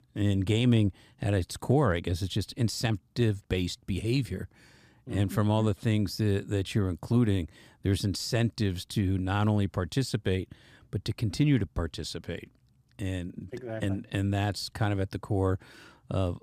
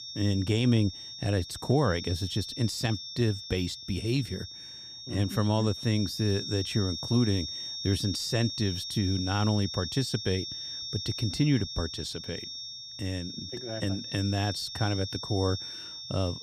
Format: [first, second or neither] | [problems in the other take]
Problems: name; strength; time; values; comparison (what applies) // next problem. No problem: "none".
first | high-pitched whine; loud; throughout; 5.5 kHz, 7 dB below the speech